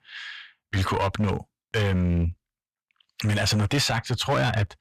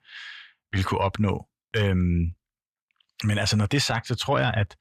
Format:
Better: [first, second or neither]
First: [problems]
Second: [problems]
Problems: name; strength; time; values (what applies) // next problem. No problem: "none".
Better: second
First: distortion; slight; 11% of the sound clipped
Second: none